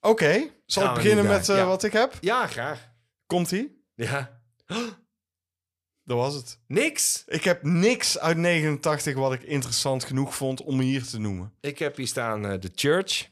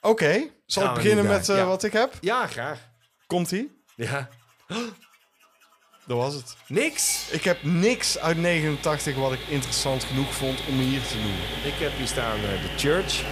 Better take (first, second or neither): first